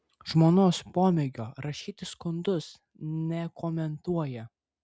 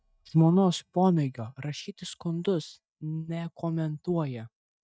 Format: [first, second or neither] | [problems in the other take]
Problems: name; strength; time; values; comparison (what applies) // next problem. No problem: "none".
first | noise reduction (neural mask model DeepFilterNet 3)